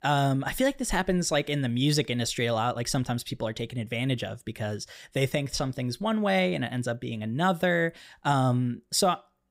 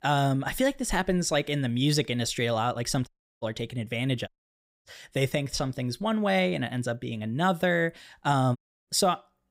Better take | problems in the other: first | audio cutting out; at 3 s, at 4.5 s for 0.5 s and at 8.5 s

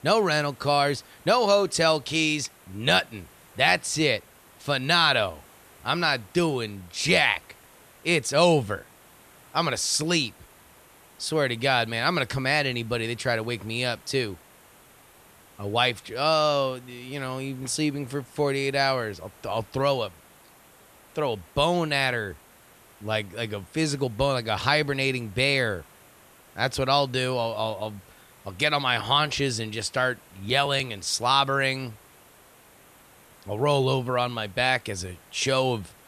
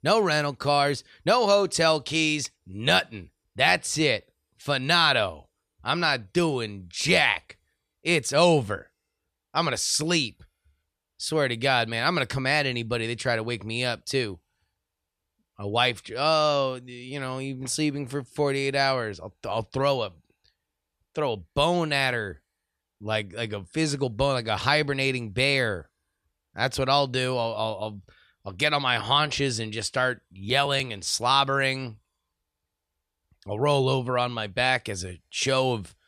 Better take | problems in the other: second | hiss; faint; throughout; 25 dB below the speech

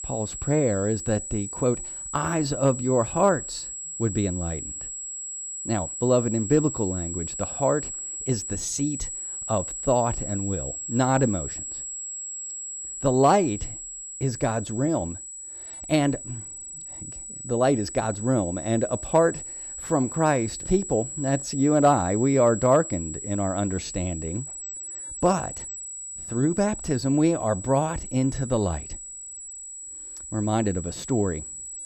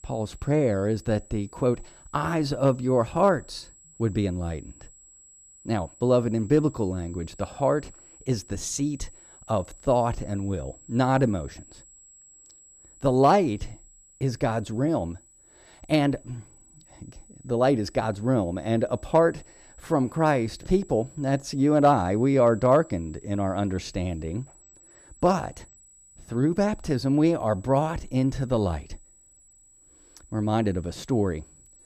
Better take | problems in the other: second | high-pitched whine; loud; throughout; 7.5 kHz, 8 dB below the speech; faint in the second

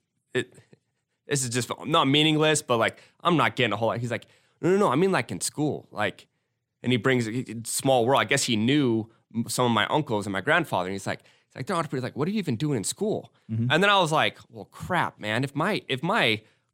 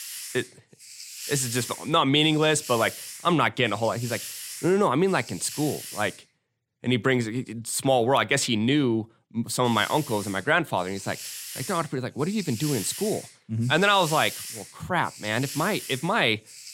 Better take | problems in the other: first | hiss; noticeable; until 6.5 s and from 9.5 s on; 10 dB below the speech

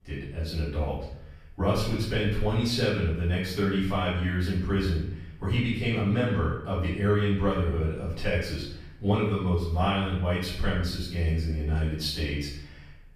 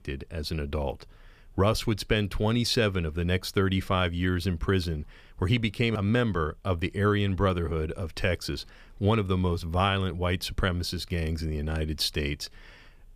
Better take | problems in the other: second | off-mic speech; far // room echo; noticeable; dies away in 0.7 s

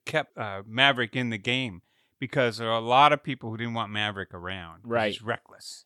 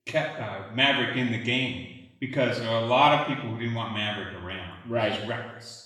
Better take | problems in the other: first | room echo; noticeable; dies away in 0.9 s // off-mic speech; far

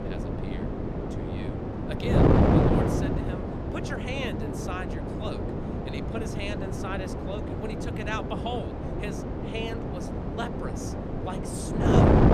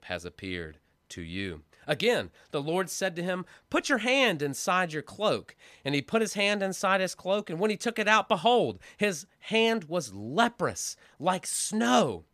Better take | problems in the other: second | wind noise on the microphone; heavy; 5 dB above the speech

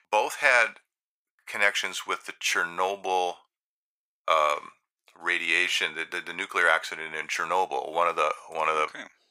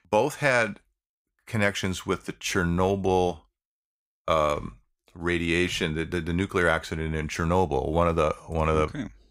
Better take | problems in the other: second | thin; very; fading below 800 Hz

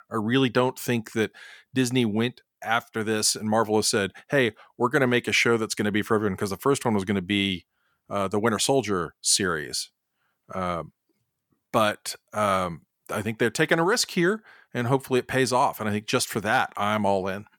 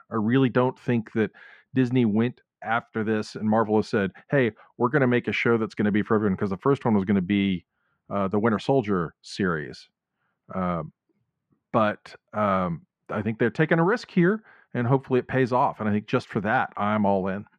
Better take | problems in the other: first | muffled; very; fading above 2 kHz

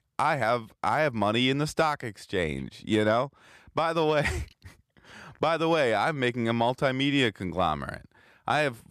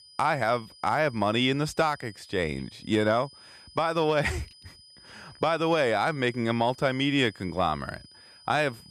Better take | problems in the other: first | high-pitched whine; faint; throughout; 5 kHz, 25 dB below the speech

